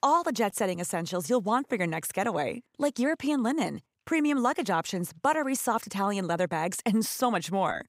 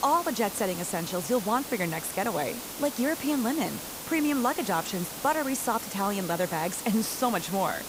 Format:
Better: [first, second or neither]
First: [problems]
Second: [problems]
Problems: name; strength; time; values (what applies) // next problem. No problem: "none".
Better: first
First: none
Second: hiss; loud; throughout; 7 dB below the speech